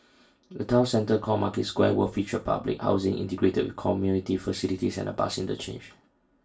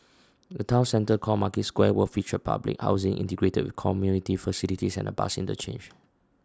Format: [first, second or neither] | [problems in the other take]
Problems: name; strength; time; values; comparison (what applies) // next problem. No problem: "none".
second | room echo; dies away in 0.2 s